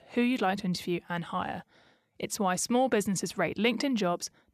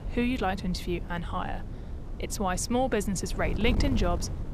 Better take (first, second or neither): first